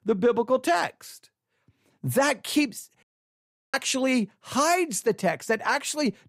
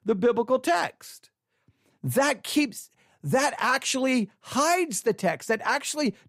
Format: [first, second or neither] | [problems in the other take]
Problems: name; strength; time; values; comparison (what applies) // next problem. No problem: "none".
second | audio cutting out; at 3 s for 0.5 s